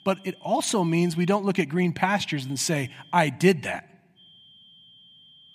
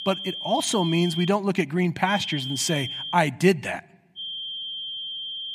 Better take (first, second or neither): first